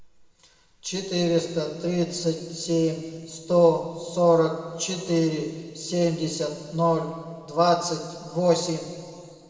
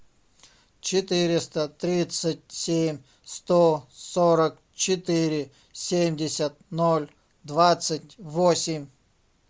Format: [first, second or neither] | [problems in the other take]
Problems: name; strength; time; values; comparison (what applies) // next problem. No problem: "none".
second | room echo; dies away in 1.9 s